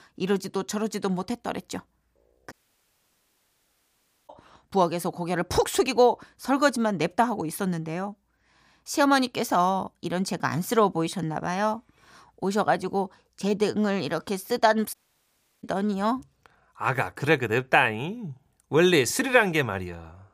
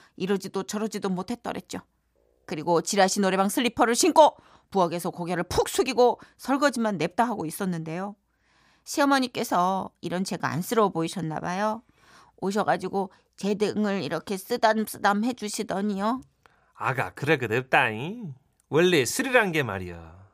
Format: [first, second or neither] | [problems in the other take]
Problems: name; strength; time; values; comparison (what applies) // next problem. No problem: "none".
second | audio cutting out; at 2.5 s for 2 s and at 15 s for 0.5 s